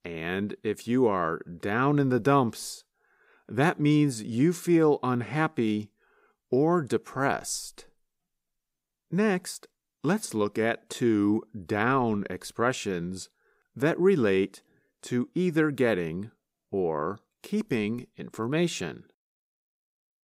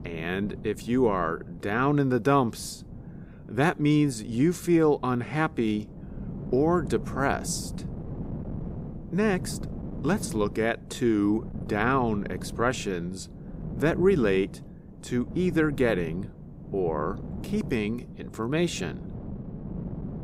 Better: first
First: none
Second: wind noise on the microphone; occasional gusts; 20 dB below the speech

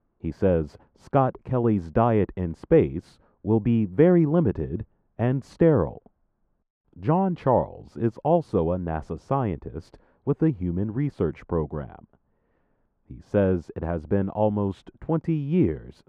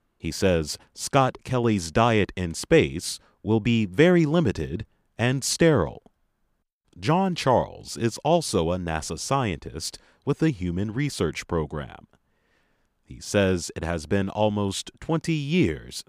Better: second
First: muffled; very; fading above 2.5 kHz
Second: none

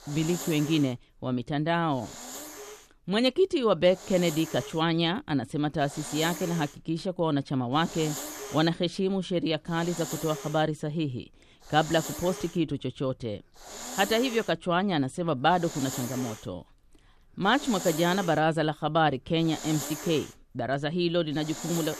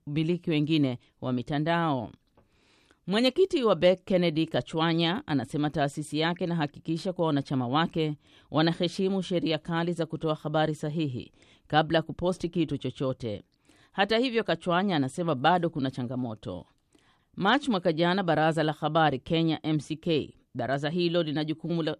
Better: second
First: hiss; noticeable; throughout; 10 dB below the speech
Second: none

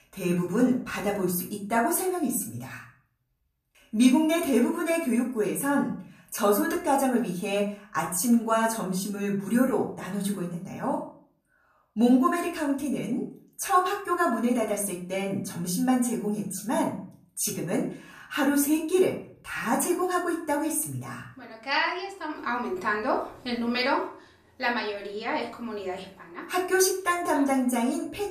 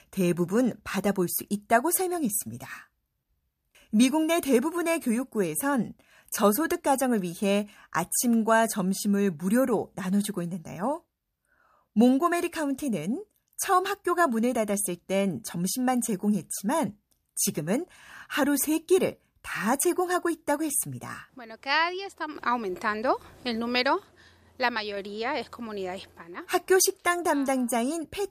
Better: second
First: off-mic speech; far // room echo; slight; dies away in 0.4 s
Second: none

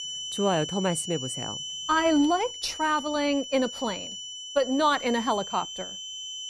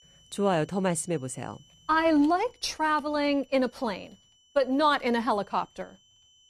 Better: second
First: high-pitched whine; loud; throughout; 3 kHz, 8 dB below the speech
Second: high-pitched whine; faint; throughout; 3 kHz, 30 dB below the speech

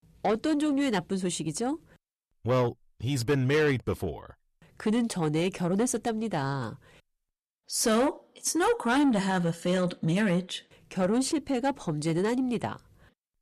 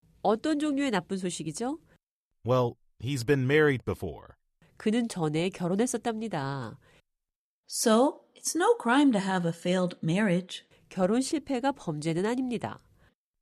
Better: second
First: distortion; slight; 10 dB below the speech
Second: none

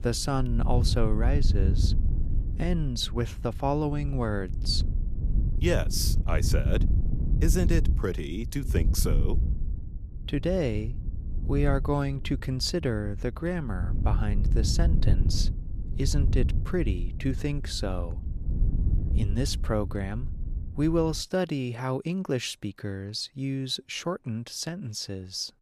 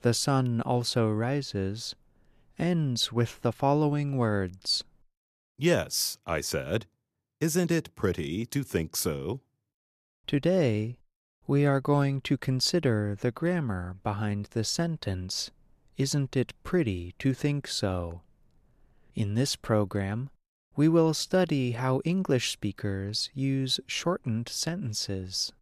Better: second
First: wind noise on the microphone; occasional gusts; until 21 s; 10 dB below the speech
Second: none

